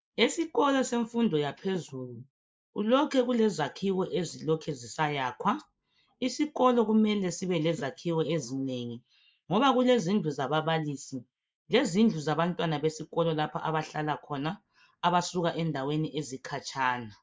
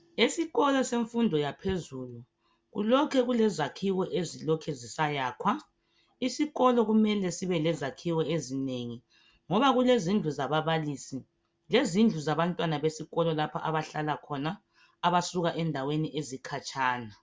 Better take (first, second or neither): second